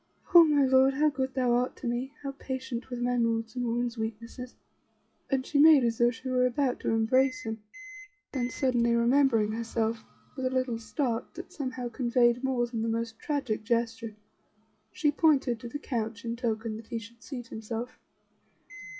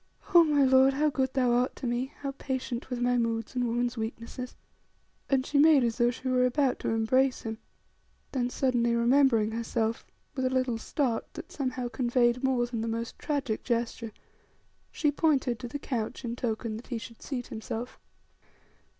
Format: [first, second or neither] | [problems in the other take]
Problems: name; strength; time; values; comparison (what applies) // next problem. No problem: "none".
second | noise reduction (classical method WPE with log-MMSE)